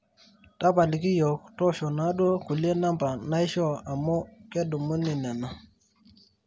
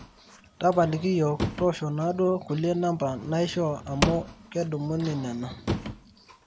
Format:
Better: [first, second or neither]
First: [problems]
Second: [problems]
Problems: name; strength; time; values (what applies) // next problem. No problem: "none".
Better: first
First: none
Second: background sound (Drawer open or close / Wood); 8 dB below the speech